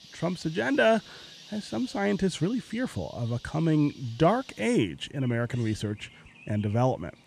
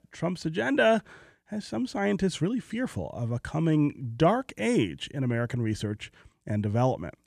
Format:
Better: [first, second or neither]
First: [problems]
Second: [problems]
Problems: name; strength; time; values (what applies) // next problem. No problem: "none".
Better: second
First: animal sounds; faint; throughout; 20 dB below the speech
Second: none